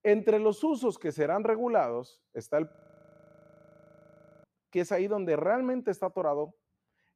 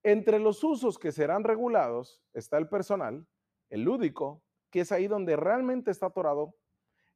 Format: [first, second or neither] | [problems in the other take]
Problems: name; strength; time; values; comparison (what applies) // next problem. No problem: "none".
second | audio freezing; at 2.5 s for 1.5 s